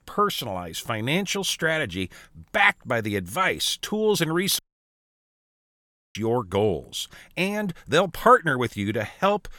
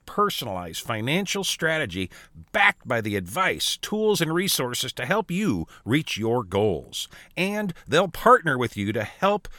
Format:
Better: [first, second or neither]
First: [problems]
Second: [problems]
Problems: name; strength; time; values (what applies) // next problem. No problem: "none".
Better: second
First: audio cutting out; at 4.5 s for 1.5 s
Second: none